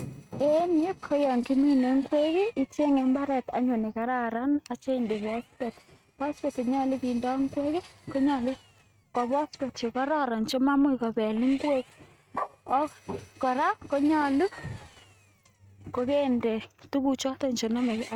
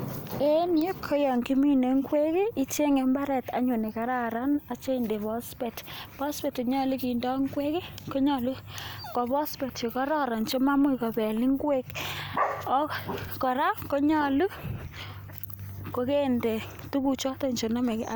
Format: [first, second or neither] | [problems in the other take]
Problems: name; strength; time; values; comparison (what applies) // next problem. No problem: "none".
second | noise reduction (neural mask model RNNoise)